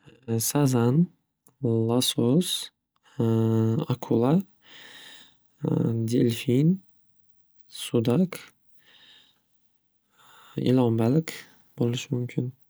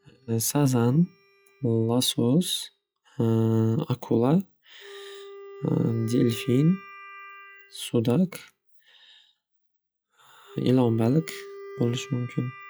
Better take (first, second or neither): first